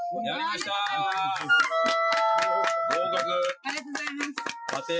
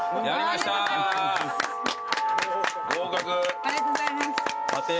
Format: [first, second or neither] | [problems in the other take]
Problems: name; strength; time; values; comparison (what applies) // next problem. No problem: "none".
second | noise reduction (classical method Wiener filter)